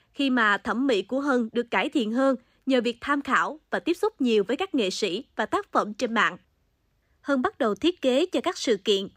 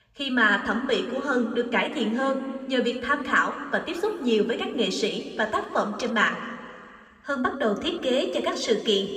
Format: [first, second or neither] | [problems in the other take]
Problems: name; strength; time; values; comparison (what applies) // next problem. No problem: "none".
first | room echo; slight; dies away in 1.9 s